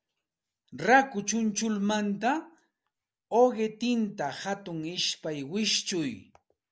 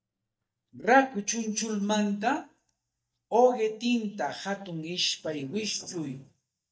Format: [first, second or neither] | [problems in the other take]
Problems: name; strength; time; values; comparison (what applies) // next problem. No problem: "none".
first | noise reduction (neural mask model DeepFilterNet 3)